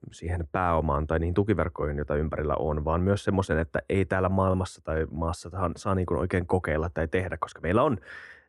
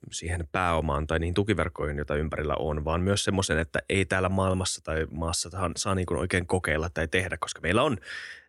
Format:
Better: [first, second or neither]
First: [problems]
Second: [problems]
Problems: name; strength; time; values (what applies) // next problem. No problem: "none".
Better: second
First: muffled; slightly; fading above 2 kHz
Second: none